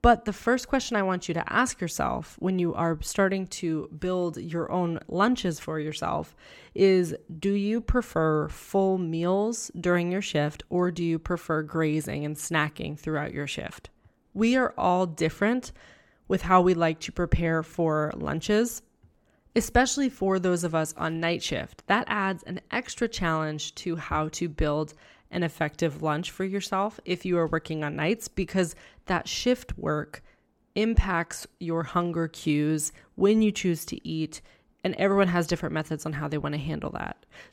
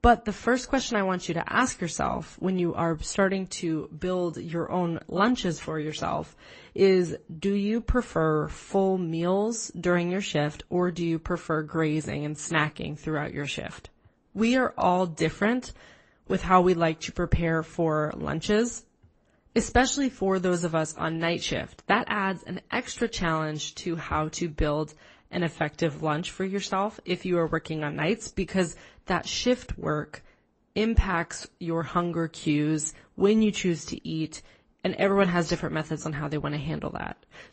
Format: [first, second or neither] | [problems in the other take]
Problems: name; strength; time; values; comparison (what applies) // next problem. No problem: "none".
first | garbled, watery; slightly; nothing above 8 kHz